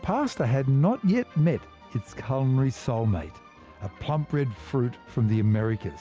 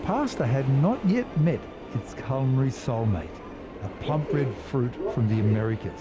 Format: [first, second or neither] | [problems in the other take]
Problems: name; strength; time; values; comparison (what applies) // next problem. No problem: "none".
first | background sound (Subway, metro, underground); 11 dB below the speech